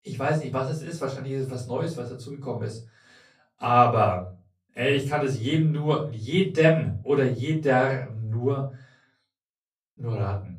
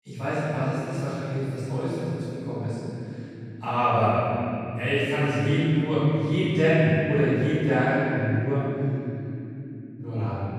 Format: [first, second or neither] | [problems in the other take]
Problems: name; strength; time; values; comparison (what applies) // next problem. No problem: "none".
first | room echo; strong; dies away in 3 s; slight in the first // off-mic speech; far; far in the first